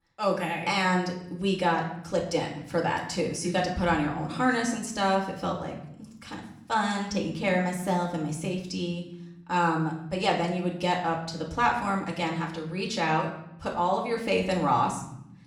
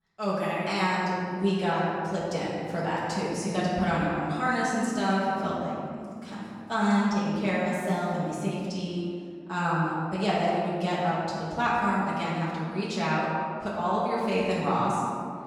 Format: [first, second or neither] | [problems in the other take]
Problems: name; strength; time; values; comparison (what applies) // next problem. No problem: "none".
first | room echo; strong; dies away in 2 s; slight in the first // off-mic speech; far; far in the first